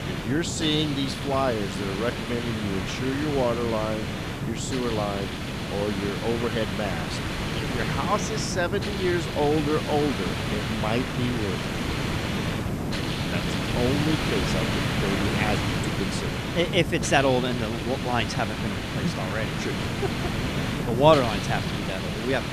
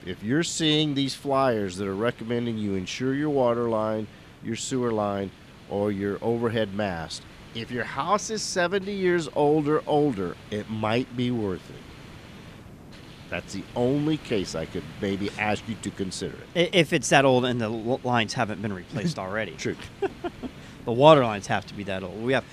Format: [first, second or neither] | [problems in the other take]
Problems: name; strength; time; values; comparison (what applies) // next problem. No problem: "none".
second | hiss; loud; throughout; 1 dB below the speech; faint in the second